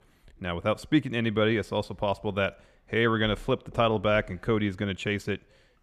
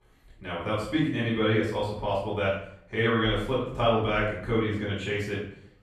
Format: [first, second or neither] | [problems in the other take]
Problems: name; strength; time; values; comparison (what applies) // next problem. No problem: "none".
first | off-mic speech; far // room echo; noticeable; dies away in 0.5 s